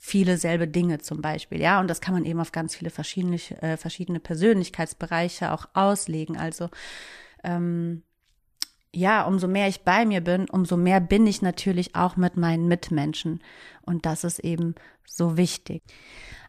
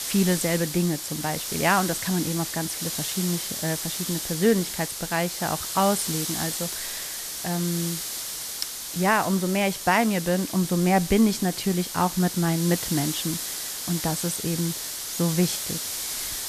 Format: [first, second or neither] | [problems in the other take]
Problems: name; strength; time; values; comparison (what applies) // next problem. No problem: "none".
first | hiss; loud; throughout; 4 dB below the speech